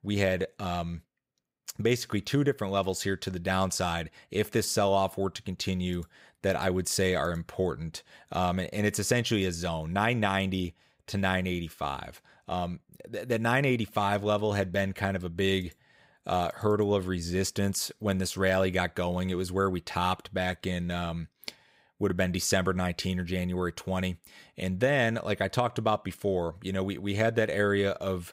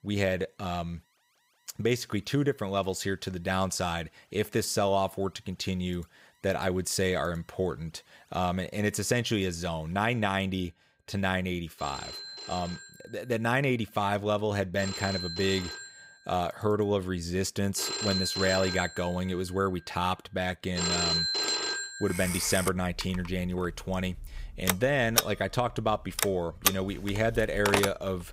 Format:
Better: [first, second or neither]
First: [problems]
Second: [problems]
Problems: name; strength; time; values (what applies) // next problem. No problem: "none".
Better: first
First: none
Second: alarms or sirens; loud; throughout; 1 dB below the speech